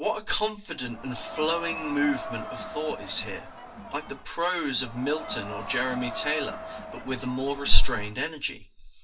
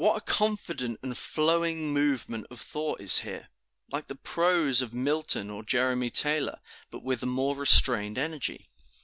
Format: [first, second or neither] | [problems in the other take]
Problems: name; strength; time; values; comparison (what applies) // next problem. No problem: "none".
second | background sound (Crowd); 14 dB below the speech // room echo; dies away in 0.2 s